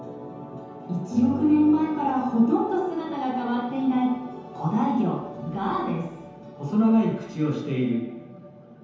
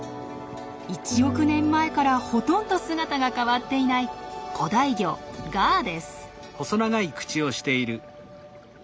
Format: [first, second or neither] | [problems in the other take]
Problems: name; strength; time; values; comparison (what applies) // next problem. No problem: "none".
second | room echo; dies away in 0.9 s